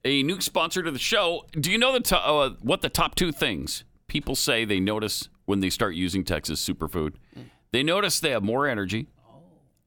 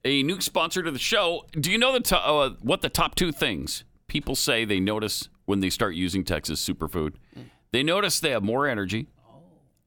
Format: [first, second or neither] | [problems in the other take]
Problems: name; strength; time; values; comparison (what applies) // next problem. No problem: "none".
neither | none